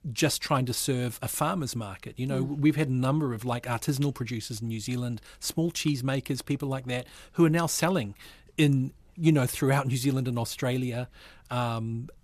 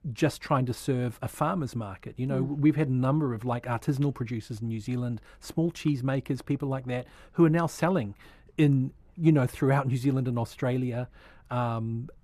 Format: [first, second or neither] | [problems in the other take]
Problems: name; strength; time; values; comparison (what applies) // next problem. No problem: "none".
first | muffled; slightly; fading above 2.5 kHz